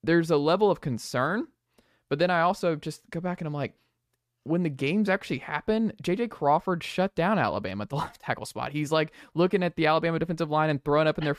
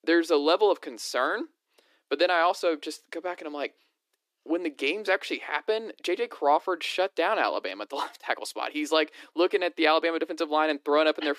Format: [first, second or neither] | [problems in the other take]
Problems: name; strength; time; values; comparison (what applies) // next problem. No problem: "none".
first | thin; somewhat; fading below 300 Hz